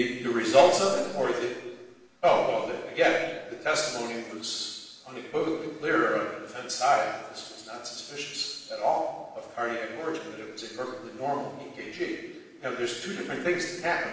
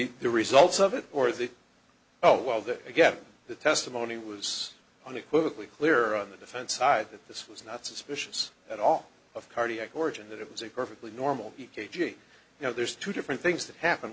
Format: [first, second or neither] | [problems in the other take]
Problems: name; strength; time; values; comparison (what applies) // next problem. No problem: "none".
second | room echo; dies away in 1.1 s